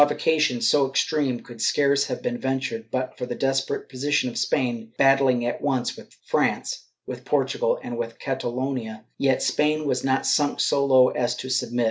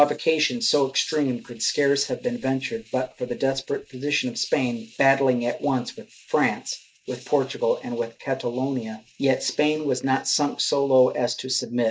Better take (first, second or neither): first